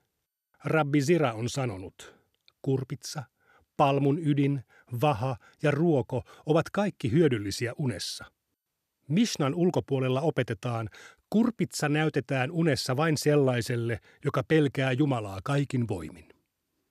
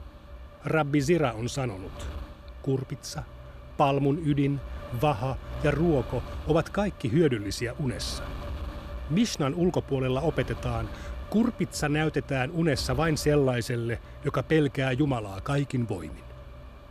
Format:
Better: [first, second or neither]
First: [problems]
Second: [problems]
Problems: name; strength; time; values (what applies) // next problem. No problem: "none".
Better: first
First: none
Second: wind noise on the microphone; occasional gusts; 15 dB below the speech